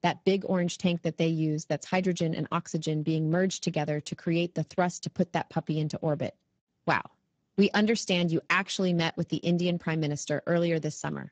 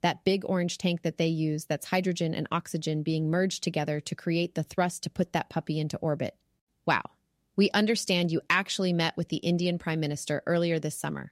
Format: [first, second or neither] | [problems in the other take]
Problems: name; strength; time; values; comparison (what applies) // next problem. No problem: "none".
second | garbled, watery; badly; nothing above 7.5 kHz